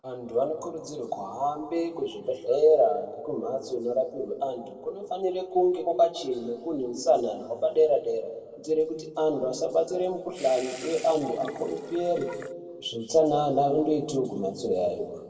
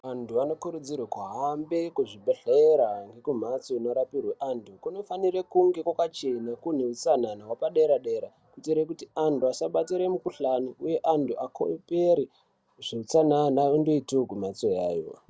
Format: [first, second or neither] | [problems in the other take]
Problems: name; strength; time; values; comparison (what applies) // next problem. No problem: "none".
second | noise reduction (neural separator model SepFormer DNS4)